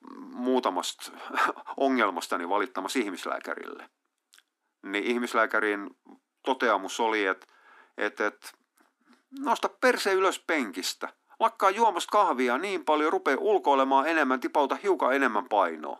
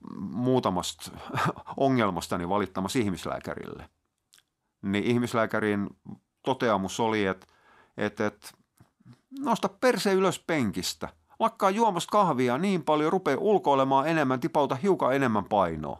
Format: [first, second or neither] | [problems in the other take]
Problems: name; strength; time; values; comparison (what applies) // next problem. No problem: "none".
second | thin; very slightly; fading below 250 Hz